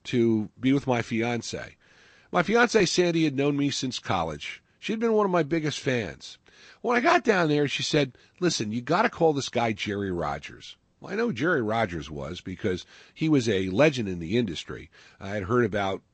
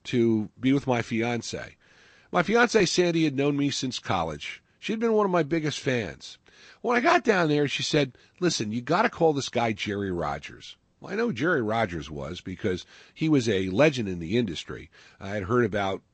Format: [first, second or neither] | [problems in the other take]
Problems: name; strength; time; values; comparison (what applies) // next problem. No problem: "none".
neither | garbled, watery; slightly; nothing above 7.5 kHz; the same in both